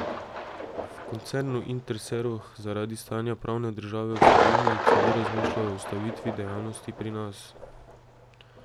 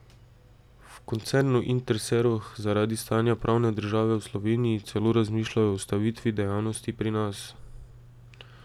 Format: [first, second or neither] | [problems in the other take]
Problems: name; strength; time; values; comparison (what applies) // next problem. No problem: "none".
second | background sound (Thunder); 4 dB above the speech